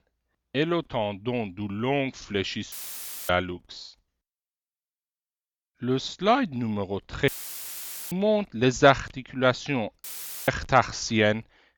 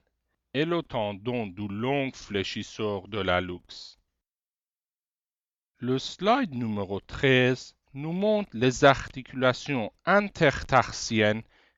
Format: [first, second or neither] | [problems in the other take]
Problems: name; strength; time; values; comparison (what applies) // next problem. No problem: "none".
second | audio cutting out; filled with static; at 2.5 s for 0.5 s, at 7.5 s for 1 s and at 10 s